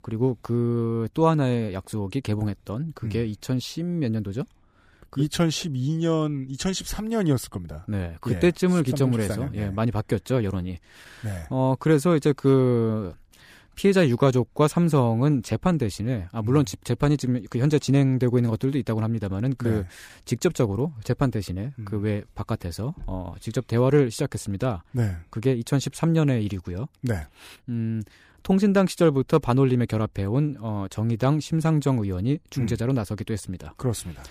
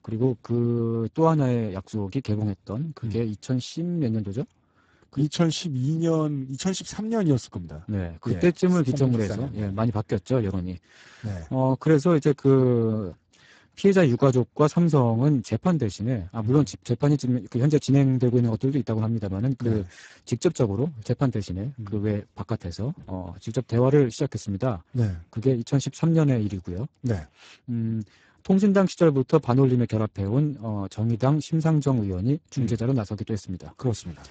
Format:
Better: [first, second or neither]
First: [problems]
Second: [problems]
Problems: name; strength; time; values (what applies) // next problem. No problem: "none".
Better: first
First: none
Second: garbled, watery; badly; nothing above 7.5 kHz